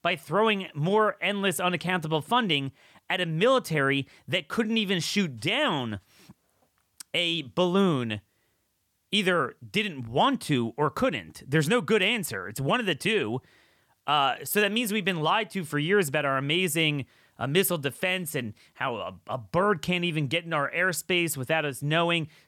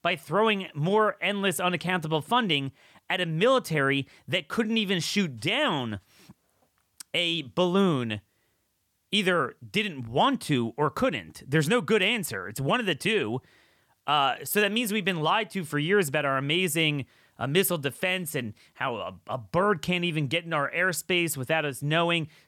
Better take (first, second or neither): neither